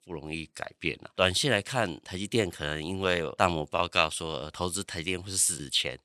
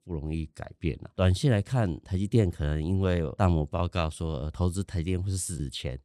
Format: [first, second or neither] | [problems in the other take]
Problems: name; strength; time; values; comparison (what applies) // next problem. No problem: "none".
second | thin; somewhat; fading below 1 kHz